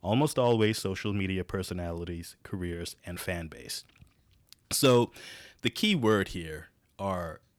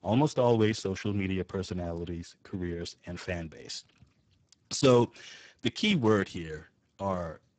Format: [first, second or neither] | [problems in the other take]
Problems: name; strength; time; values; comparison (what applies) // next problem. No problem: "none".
first | garbled, watery; badly; nothing above 8 kHz